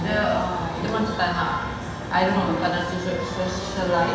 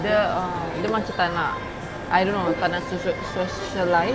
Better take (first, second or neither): second